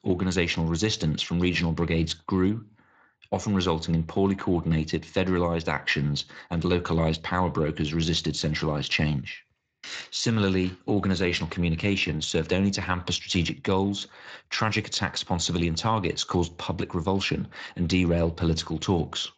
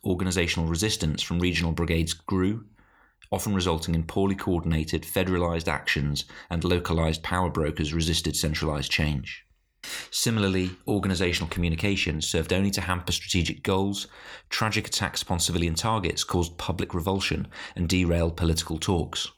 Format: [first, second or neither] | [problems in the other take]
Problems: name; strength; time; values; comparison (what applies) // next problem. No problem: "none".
second | garbled, watery; slightly; nothing above 7.5 kHz